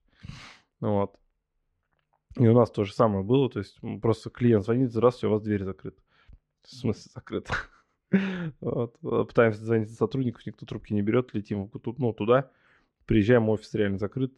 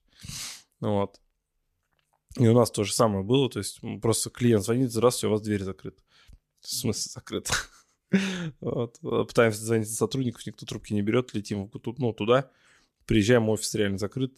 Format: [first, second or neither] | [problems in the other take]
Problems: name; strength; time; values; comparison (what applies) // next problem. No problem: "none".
second | muffled; very; fading above 2 kHz